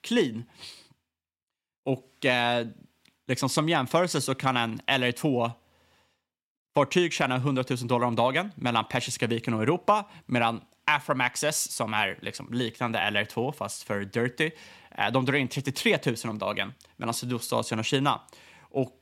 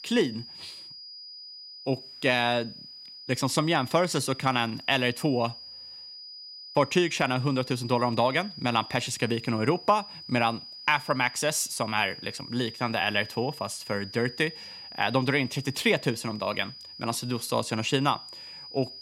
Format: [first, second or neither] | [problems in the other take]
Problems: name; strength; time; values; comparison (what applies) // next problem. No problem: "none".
first | high-pitched whine; noticeable; throughout; 5 kHz, 15 dB below the speech